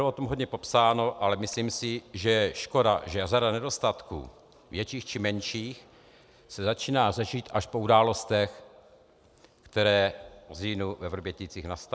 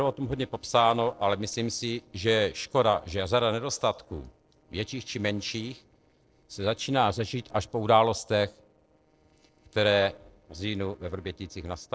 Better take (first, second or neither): first